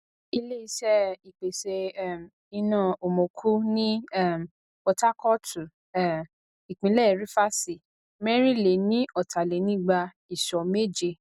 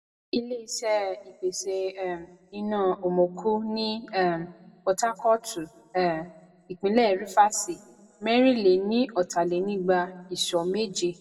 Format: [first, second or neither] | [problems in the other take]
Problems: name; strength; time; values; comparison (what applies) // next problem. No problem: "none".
first | room echo; dies away in 0.7 s